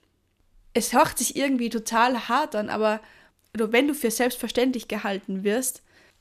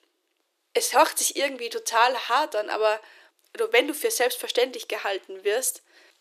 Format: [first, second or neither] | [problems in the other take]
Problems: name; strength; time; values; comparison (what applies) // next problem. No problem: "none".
first | thin; very; fading below 350 Hz